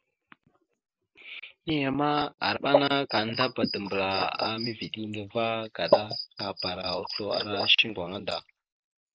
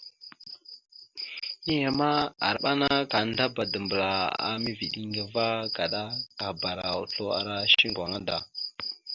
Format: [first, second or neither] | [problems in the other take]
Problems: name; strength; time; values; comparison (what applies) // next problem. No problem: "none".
second | noise reduction (neural mask model Resemble Enhance denoiser)